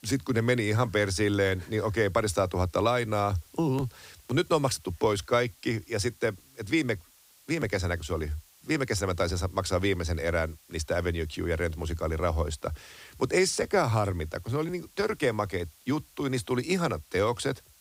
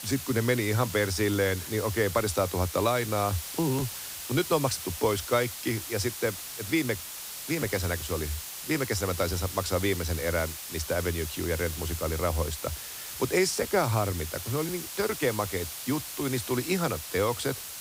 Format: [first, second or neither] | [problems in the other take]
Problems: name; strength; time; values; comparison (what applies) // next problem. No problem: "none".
first | hiss; loud; throughout; 7 dB below the speech; faint in the first